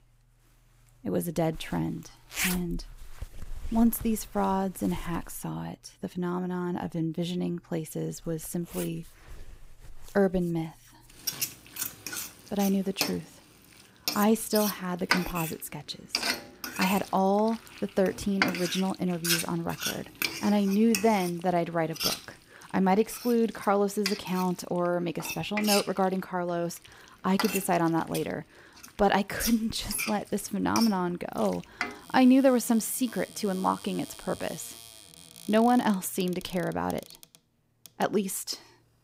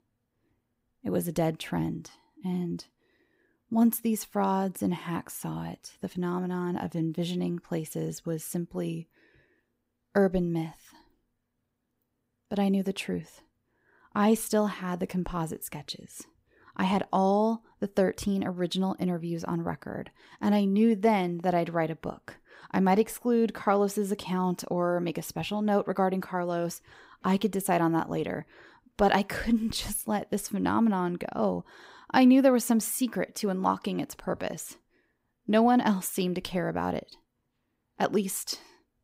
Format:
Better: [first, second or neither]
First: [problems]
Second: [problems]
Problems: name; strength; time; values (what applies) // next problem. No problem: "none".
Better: second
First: household noises; loud; throughout; 6 dB below the speech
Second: none